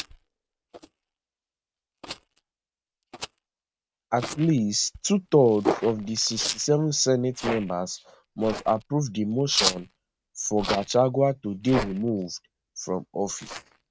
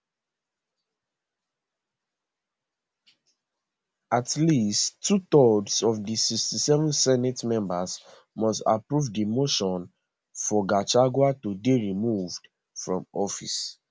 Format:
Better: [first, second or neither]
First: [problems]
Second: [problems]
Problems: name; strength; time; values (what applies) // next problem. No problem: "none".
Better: second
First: noise reduction (neural mask model RNNoise)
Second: none